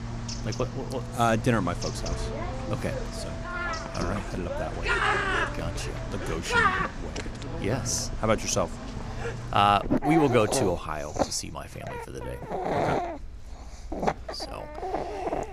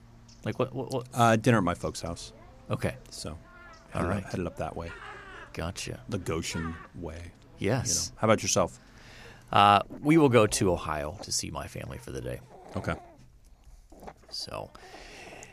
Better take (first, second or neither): second